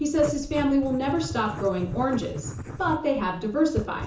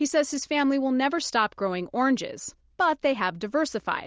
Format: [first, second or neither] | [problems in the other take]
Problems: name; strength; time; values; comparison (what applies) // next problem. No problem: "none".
second | background sound (Writing); 10 dB below the speech // room echo; dies away in 0.7 s